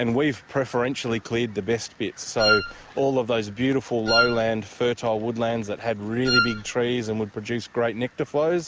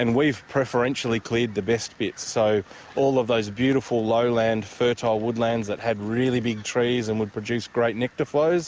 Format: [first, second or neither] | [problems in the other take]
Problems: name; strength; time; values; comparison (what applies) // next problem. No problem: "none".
second | background sound (Wind instrument, woodwind instrument); as loud as the speech